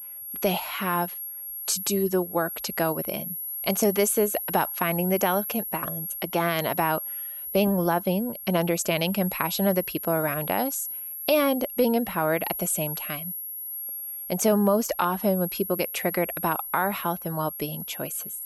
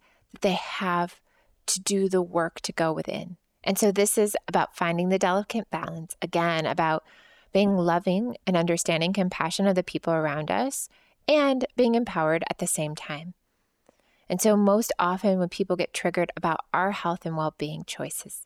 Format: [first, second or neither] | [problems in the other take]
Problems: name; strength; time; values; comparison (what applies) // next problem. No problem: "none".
second | high-pitched whine; loud; throughout; 11.5 kHz, 6 dB below the speech